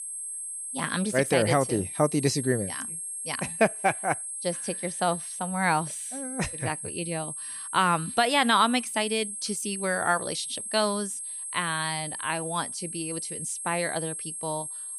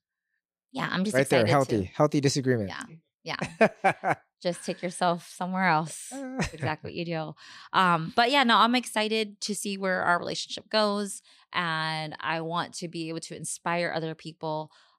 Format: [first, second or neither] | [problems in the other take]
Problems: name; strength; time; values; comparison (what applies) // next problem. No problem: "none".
second | high-pitched whine; loud; throughout; 8.5 kHz, 5 dB below the speech